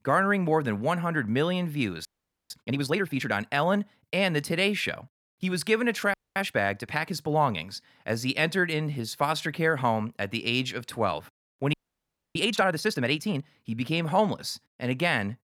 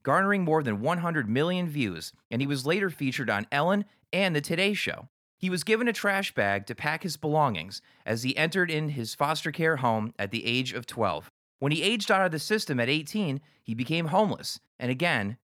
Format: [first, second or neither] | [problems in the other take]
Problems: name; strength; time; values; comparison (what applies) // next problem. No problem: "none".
second | audio freezing; at 2 s, at 6 s and at 12 s for 0.5 s